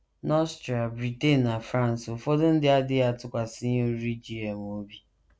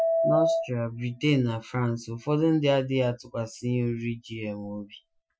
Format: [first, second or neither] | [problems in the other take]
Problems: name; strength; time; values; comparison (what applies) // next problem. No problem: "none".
first | noise reduction (classical method Wiener filter)